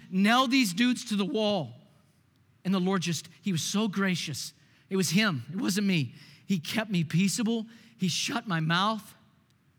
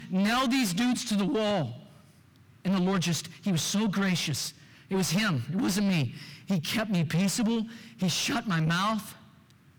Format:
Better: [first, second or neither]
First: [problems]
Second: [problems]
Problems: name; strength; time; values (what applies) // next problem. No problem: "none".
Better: first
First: none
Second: distortion; heavy; 7 dB below the speech